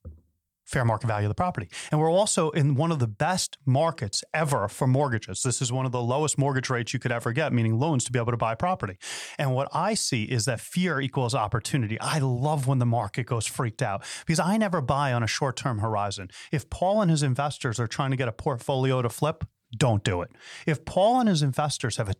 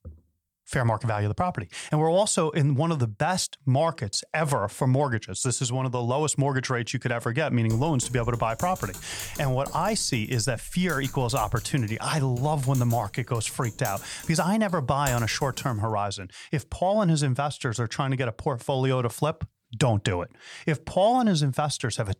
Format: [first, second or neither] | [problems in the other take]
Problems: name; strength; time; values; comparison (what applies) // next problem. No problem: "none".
first | keyboard typing; noticeable; from 7.5 to 16 s; peak 8 dB below the speech